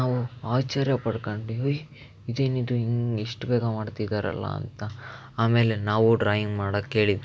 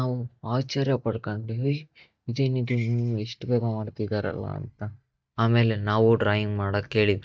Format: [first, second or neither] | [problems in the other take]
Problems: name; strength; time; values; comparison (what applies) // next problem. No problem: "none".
first | noise reduction (neural mask model DeepFilterNet 3)